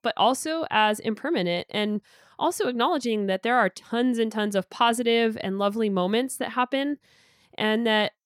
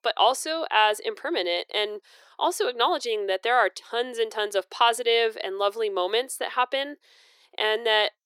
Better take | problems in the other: first | thin; very; fading below 350 Hz

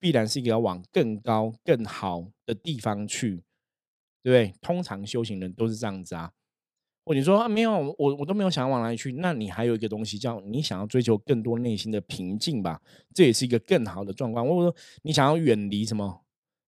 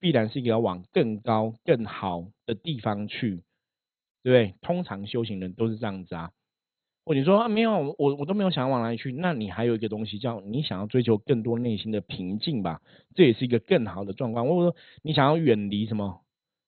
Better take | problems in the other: first | garbled, watery; badly; nothing above 4 kHz

